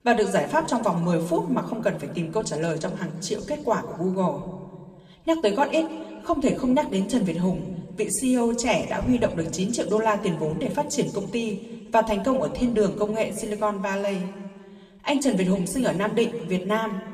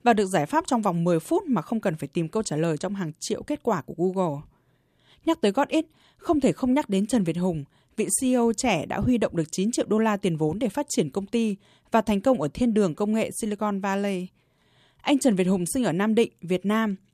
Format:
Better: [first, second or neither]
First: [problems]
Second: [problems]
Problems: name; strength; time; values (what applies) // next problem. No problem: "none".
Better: second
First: room echo; slight; dies away in 1.4 s // off-mic speech; somewhat distant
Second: none